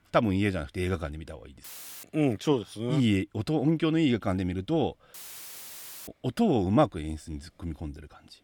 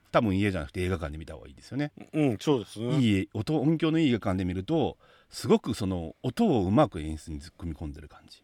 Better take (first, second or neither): second